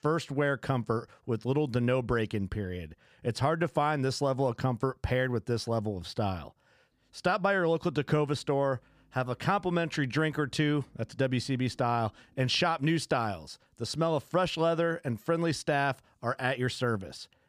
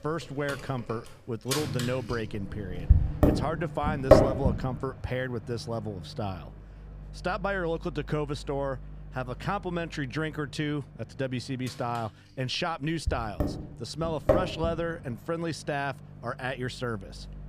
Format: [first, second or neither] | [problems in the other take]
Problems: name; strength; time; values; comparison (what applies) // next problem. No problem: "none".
first | household noises; very loud; throughout; 5 dB above the speech